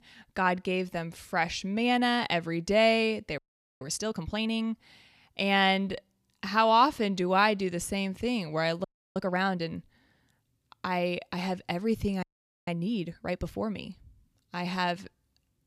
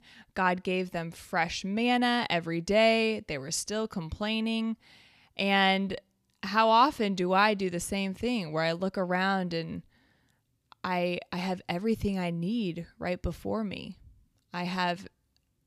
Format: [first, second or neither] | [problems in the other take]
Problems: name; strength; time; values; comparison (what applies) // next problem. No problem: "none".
second | audio freezing; at 3.5 s, at 9 s and at 12 s